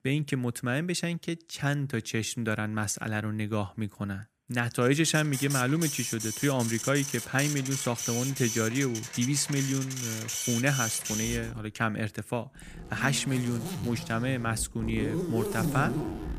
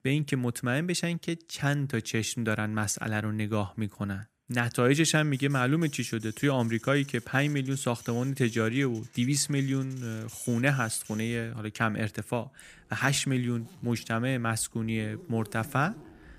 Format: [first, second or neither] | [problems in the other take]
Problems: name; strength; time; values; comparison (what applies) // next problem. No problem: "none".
second | household noises; loud; from 5 s on; 4 dB below the speech; faint in the second